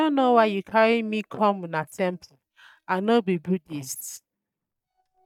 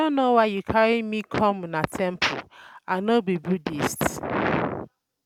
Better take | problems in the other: second | noise reduction (neural mask model DeepFilterNet 3)

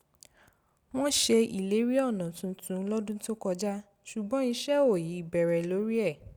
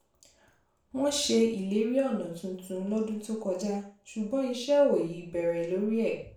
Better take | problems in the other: first | room echo; dies away in 0.4 s

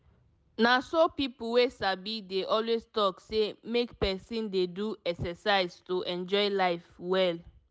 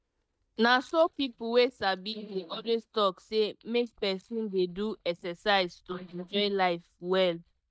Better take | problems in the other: first | noise reduction (neural mask model DeepFilterNet 3)

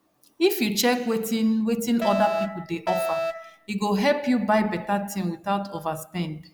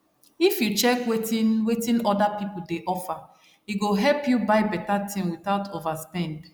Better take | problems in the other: second | background sound (Alarm); 3 dB below the speech

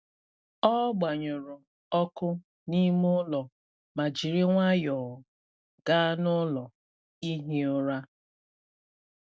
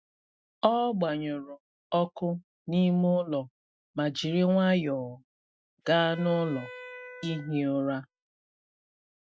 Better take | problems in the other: first | noise reduction (classical method Wiener filter)

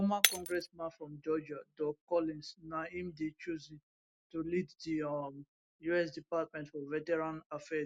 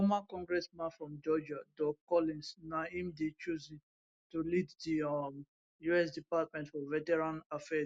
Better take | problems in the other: second | background sound (Shatter); 2 dB below the speech

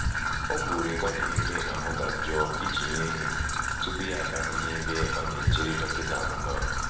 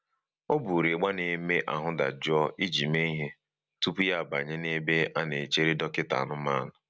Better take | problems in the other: second | background sound (Trickle, dribble / Traffic noise, roadway noise); 5 dB above the speech // room echo; dies away in 1 s

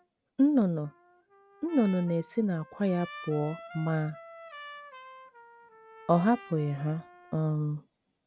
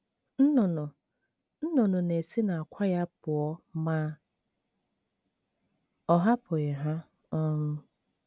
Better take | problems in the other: second | background sound (Trumpet); 19 dB below the speech

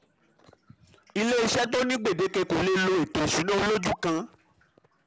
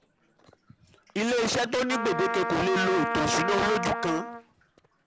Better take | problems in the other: first | background sound (Trumpet); 5 dB below the speech

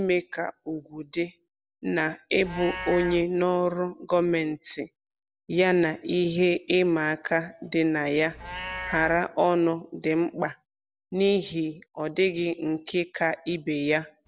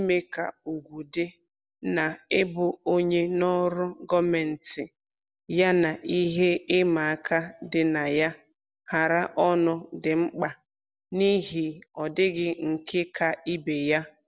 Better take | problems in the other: second | background sound (Livestock, farm animals, working animals); 18 dB below the speech

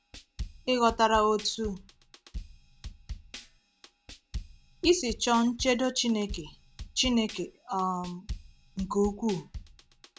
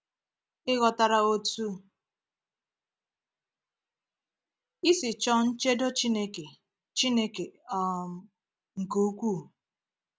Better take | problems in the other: second | background sound (Drum kit); 13 dB below the speech

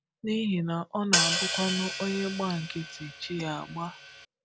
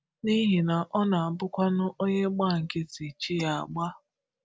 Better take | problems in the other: second | background sound (Hi-hat); as loud as the speech

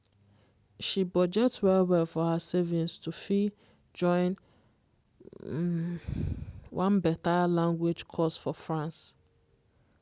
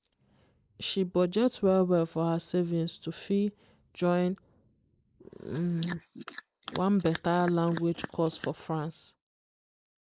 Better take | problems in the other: first | noise reduction (neural mask model Resemble Enhance denoiser)

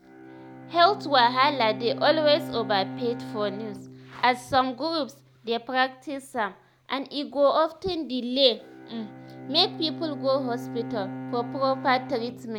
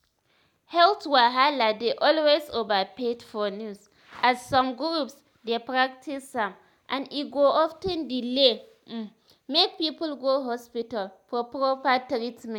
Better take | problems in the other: second | background sound (Bowed string instrument); 13 dB below the speech

